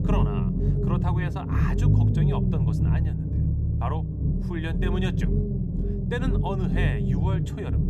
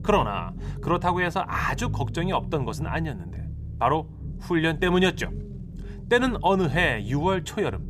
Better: second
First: low rumble; loud; throughout; as loud as the speech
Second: low rumble; faint; throughout; 20 dB below the speech

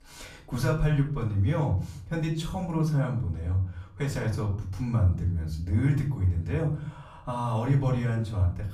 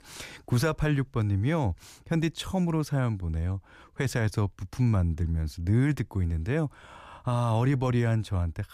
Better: second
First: off-mic speech; far // room echo; slight; dies away in 0.5 s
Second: none

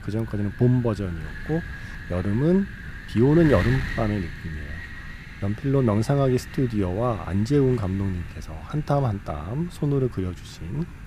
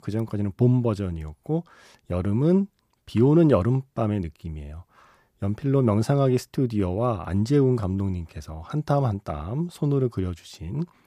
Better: second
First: wind noise on the microphone; occasional gusts; 10 dB below the speech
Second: none

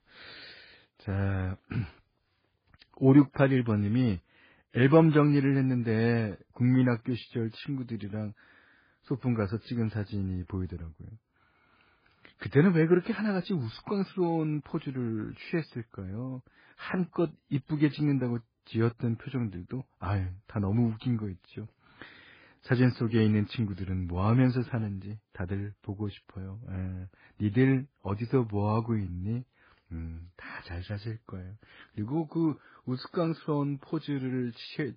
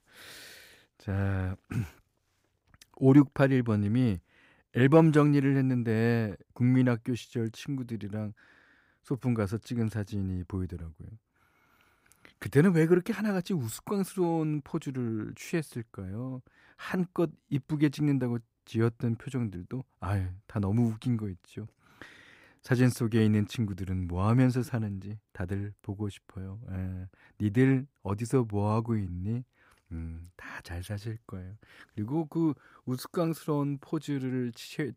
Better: second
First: garbled, watery; badly; nothing above 4.5 kHz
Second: none

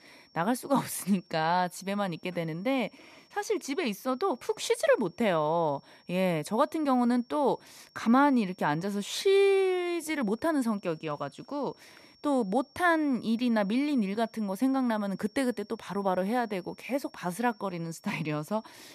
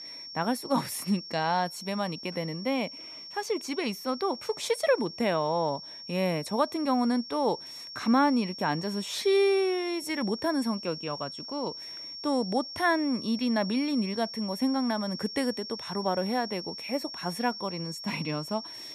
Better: first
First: high-pitched whine; faint; throughout; 5.5 kHz, 30 dB below the speech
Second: high-pitched whine; loud; throughout; 5.5 kHz, 9 dB below the speech

